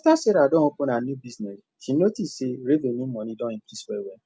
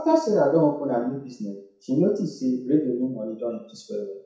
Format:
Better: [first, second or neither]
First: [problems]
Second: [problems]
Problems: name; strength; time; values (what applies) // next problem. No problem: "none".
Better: first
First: none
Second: room echo; dies away in 0.6 s